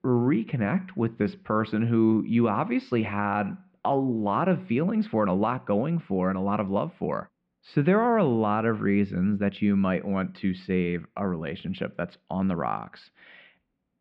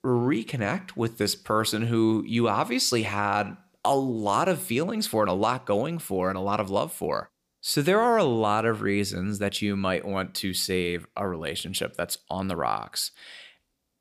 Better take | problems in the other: second | muffled; very; fading above 2.5 kHz

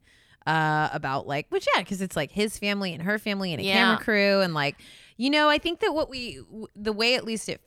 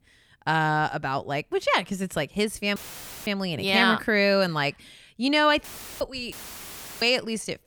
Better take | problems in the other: first | audio cutting out; filled with static; at 3 s for 0.5 s, at 5.5 s and at 6.5 s for 0.5 s

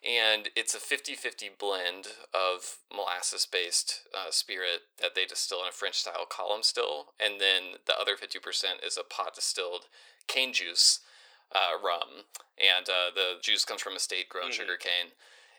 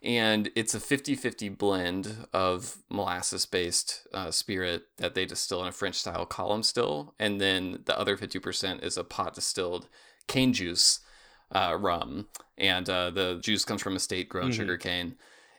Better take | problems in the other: second | thin; very; fading below 500 Hz

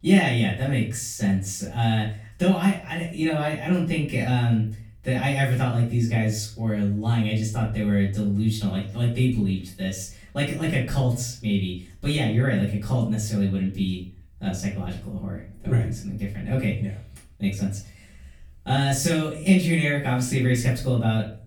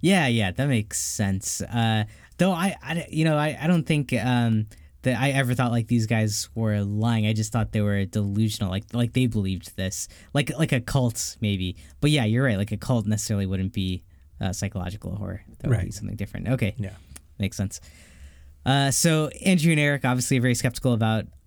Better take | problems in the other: second | room echo; slight; dies away in 0.4 s // off-mic speech; far

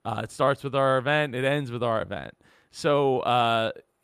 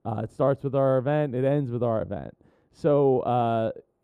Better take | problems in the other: first | muffled; very; fading above 1 kHz

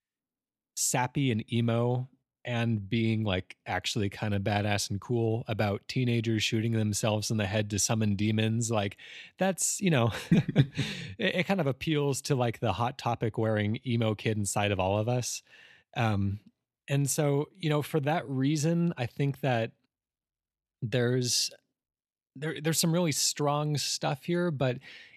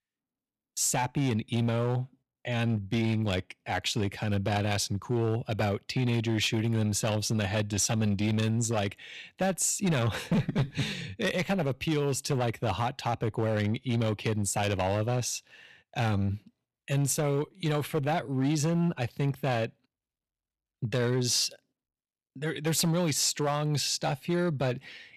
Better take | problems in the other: first | distortion; slight; 7% of the sound clipped

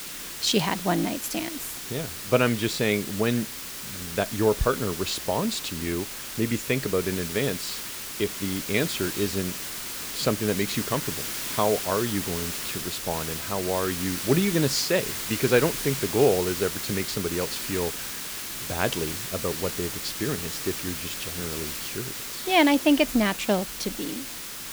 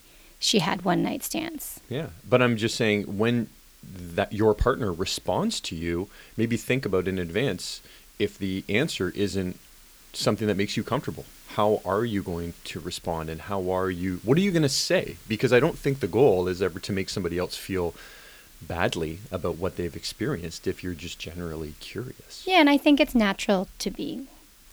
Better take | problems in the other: second | hiss; loud; throughout; 4 dB below the speech; faint in the second

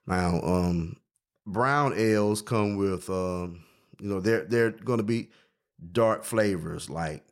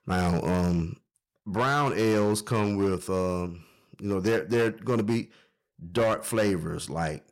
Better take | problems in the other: first | distortion; slight; 9% of the sound clipped

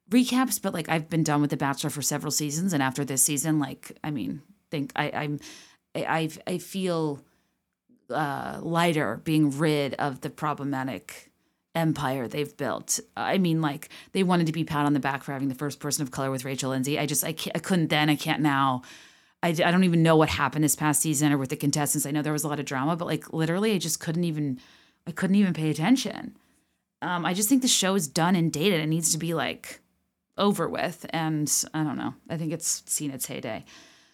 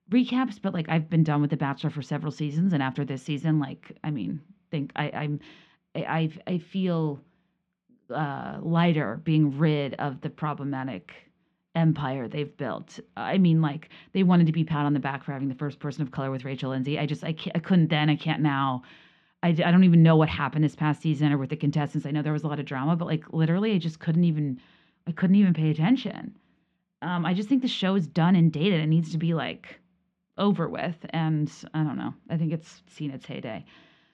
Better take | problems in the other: first | muffled; very; fading above 3.5 kHz

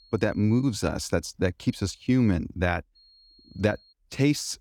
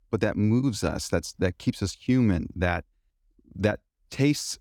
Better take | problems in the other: second | high-pitched whine; faint; at the start, at 1.5 s and at 3 s; 4.5 kHz, 30 dB below the speech

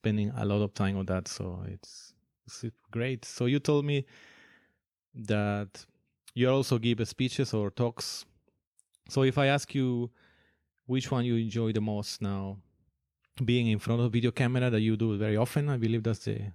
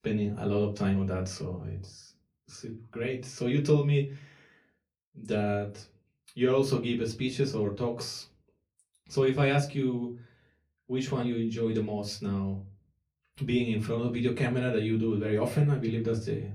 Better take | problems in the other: first | off-mic speech; far // room echo; very slight; dies away in 0.3 s

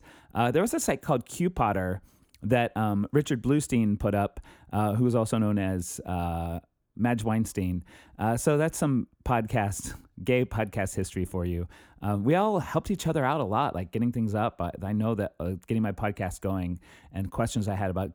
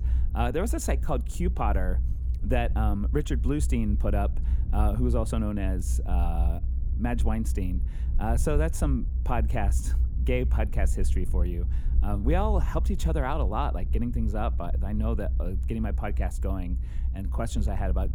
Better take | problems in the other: first | low rumble; noticeable; throughout; 15 dB below the speech

